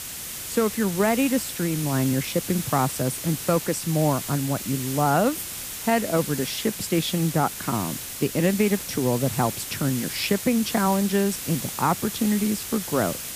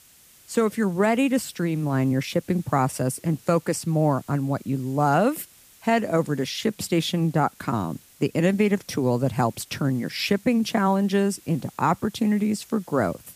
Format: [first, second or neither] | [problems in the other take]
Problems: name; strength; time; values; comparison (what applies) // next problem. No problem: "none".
second | hiss; loud; throughout; 6 dB below the speech; faint in the second